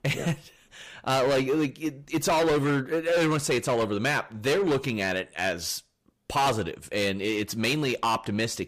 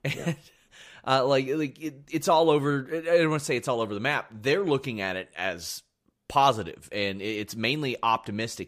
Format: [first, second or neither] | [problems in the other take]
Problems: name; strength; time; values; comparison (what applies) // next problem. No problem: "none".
second | distortion; heavy; 14% of the sound clipped